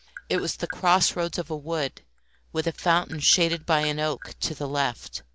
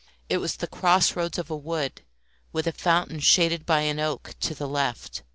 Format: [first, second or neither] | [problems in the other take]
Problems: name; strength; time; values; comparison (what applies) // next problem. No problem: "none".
second | background sound (Tap); 20 dB below the speech